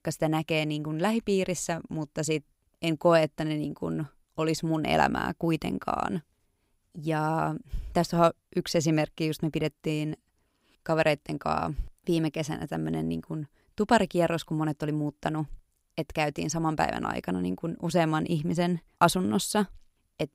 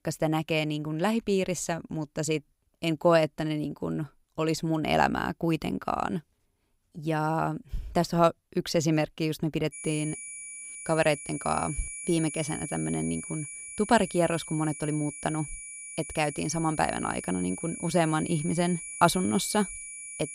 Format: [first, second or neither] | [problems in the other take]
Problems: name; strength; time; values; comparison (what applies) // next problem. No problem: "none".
first | high-pitched whine; loud; from 9.5 s on; 10 kHz, 9 dB below the speech